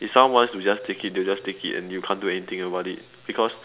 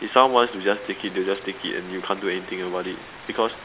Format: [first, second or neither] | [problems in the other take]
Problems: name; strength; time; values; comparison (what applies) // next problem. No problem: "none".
first | background sound (Rain); 17 dB below the speech